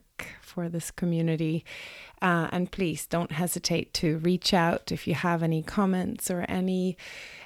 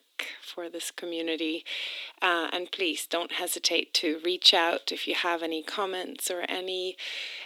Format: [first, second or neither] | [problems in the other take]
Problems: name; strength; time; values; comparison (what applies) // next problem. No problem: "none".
first | thin; very; fading below 300 Hz